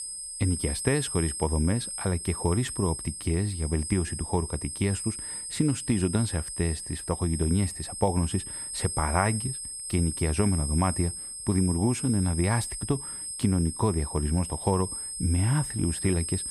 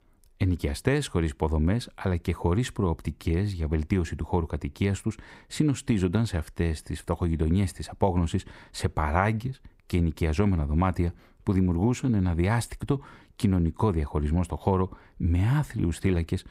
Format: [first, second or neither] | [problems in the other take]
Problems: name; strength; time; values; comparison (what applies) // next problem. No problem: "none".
second | high-pitched whine; loud; throughout; 8.5 kHz, 5 dB below the speech